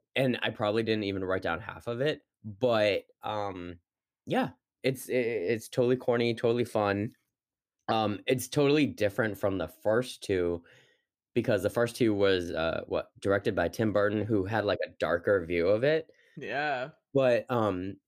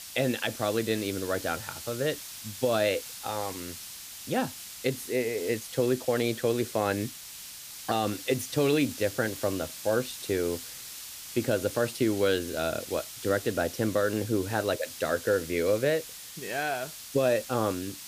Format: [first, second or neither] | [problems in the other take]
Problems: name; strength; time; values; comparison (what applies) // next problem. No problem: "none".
first | hiss; noticeable; throughout; 10 dB below the speech